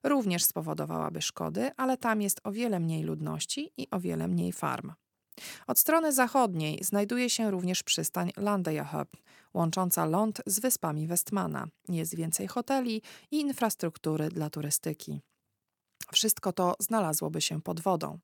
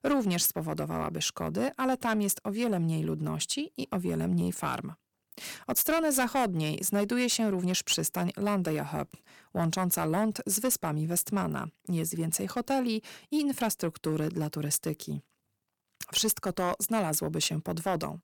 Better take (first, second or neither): first